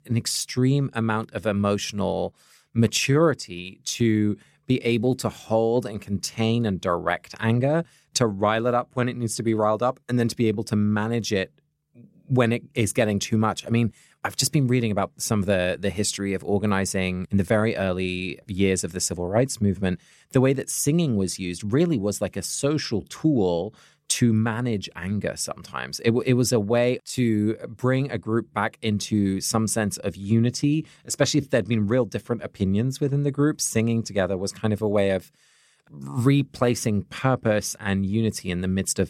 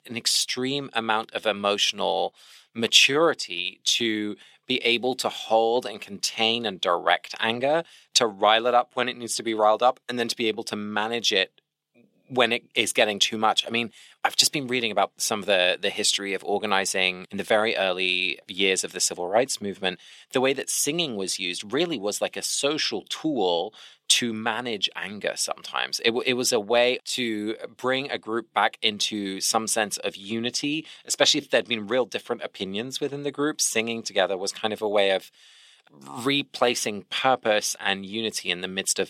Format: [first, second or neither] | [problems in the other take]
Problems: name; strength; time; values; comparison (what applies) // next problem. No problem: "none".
first | thin; somewhat; fading below 350 Hz